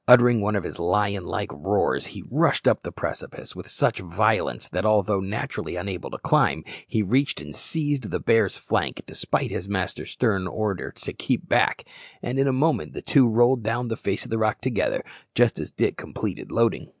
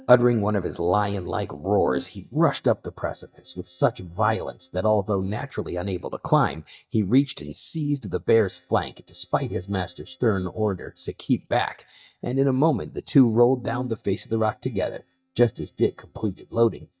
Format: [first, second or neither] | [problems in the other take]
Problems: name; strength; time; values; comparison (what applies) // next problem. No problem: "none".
first | noise reduction (neural mask model DeepFilterNet 3)